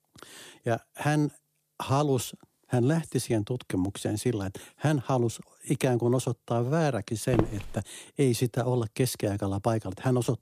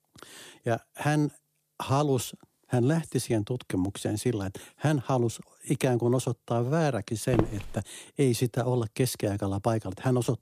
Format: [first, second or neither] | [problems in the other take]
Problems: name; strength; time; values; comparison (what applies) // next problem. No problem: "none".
neither | footsteps; noticeable; at 7.5 s; peak 3 dB below the speech; the same in both